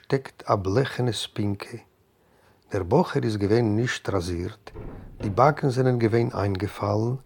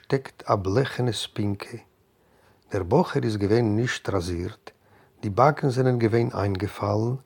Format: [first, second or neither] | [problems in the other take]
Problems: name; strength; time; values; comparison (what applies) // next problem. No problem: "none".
second | household noises; noticeable; throughout; 20 dB below the speech